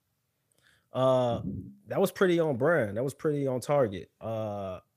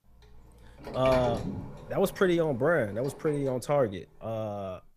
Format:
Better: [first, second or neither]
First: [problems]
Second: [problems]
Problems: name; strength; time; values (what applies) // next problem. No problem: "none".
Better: first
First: none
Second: door banging; noticeable; until 4 s; peak 6 dB below the speech